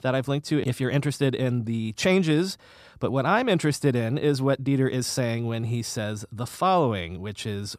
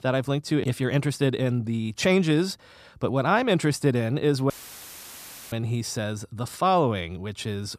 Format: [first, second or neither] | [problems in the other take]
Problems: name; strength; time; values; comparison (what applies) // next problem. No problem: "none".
first | audio cutting out; filled with static; at 4.5 s for 1 s